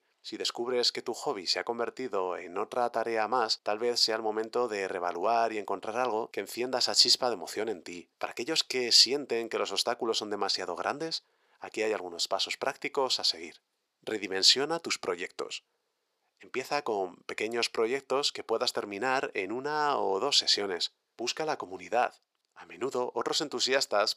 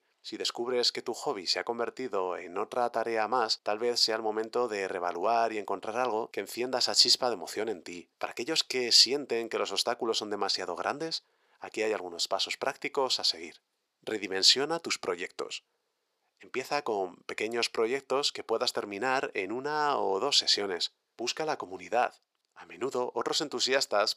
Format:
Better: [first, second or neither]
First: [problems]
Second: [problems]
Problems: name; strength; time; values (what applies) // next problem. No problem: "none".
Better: neither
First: thin; somewhat; fading below 500 Hz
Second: thin; somewhat; fading below 500 Hz